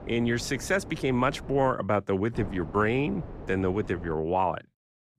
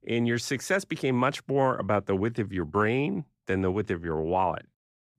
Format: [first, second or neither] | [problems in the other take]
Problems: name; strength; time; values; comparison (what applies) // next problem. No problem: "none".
second | wind noise on the microphone; occasional gusts; until 1.5 s and from 2.5 to 4 s; 20 dB below the speech